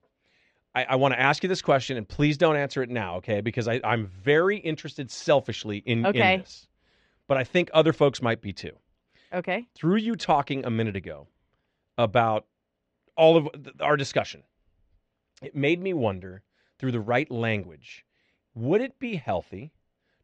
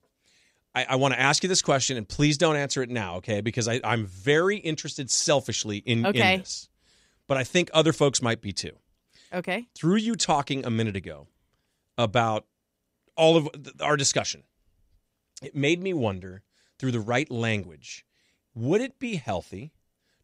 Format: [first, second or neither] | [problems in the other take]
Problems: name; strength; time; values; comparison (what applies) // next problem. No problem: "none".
second | muffled; very; fading above 2.5 kHz